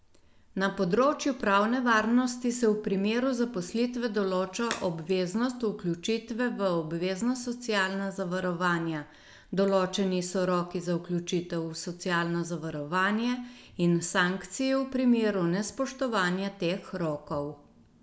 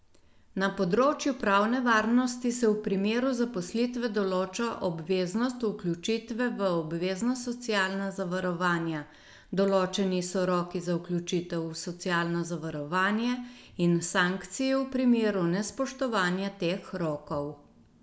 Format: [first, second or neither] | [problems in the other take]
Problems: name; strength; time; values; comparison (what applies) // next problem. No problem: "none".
second | background sound (Crack); 14 dB below the speech